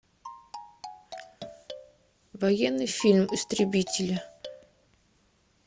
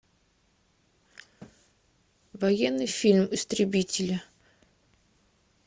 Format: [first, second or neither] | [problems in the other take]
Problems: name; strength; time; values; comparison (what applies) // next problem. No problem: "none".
second | background sound (Marimba, xylophone); 15 dB below the speech